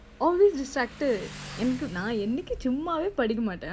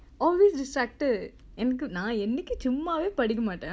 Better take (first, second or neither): second